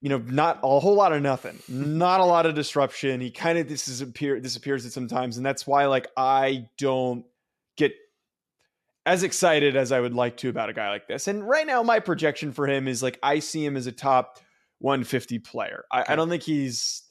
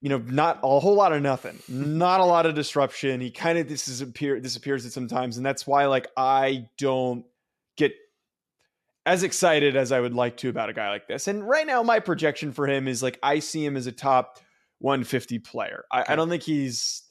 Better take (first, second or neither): neither